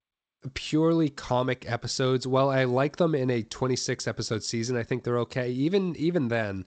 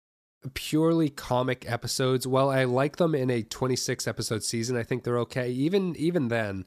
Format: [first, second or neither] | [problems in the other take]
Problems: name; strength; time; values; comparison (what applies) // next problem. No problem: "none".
second | garbled, watery; slightly; nothing above 8 kHz